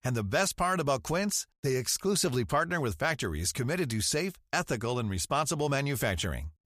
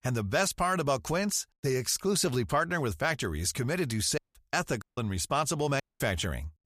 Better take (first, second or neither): first